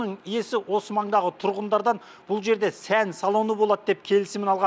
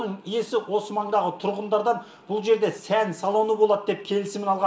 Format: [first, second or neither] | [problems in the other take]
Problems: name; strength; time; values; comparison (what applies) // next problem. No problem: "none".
first | room echo; dies away in 0.6 s